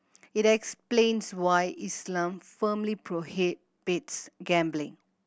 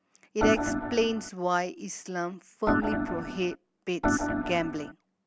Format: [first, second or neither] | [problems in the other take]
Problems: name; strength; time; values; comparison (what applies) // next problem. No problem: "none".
first | background sound (Organ); 2 dB above the speech